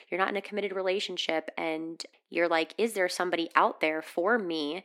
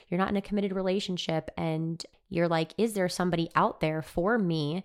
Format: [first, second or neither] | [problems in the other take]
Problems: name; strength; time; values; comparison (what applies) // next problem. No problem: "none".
second | thin; somewhat; fading below 250 Hz